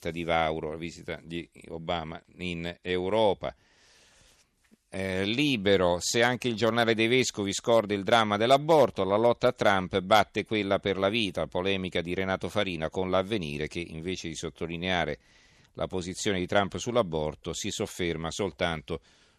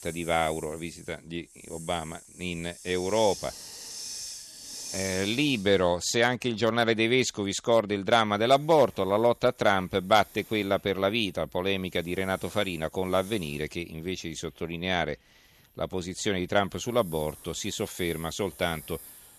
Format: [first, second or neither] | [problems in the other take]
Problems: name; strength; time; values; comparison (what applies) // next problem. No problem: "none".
first | hiss; noticeable; throughout; 15 dB below the speech